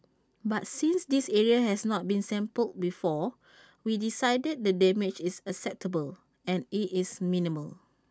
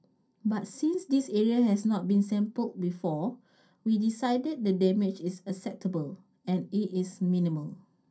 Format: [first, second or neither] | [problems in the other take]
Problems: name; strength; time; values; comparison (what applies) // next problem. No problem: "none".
first | room echo; dies away in 0.3 s